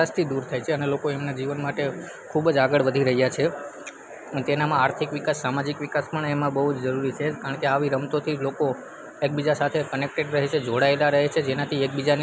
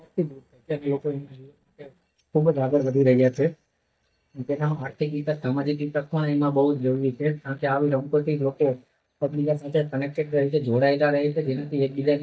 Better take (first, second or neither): first